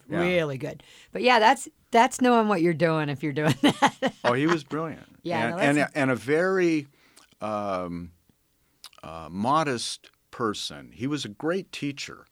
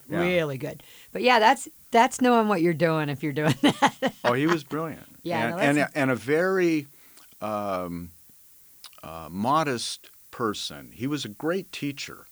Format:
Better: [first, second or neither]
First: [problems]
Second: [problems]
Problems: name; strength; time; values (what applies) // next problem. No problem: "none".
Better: first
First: none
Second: hiss; faint; throughout; 25 dB below the speech